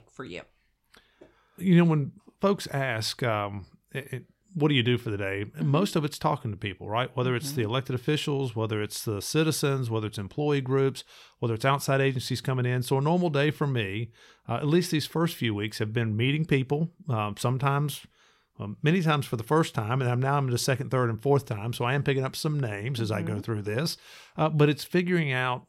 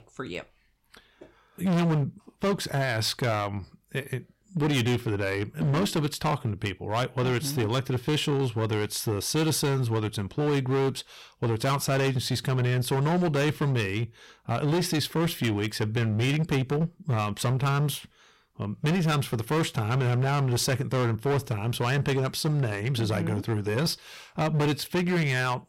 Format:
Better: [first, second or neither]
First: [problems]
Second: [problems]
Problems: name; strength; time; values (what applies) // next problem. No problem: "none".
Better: first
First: none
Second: distortion; heavy; 17% of the sound clipped